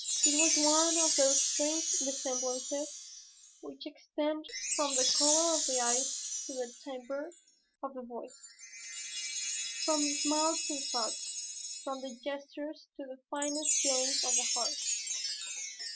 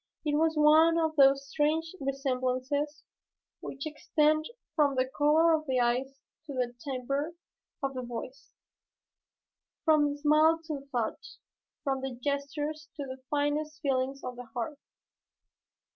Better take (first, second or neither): second